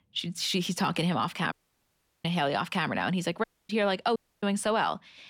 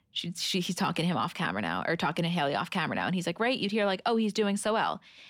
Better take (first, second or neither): second